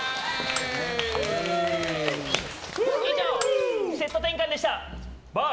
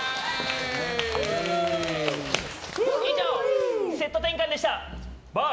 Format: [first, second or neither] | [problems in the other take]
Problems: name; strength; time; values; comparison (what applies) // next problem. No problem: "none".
second | background sound (Bird + Shatter); 14 dB below the speech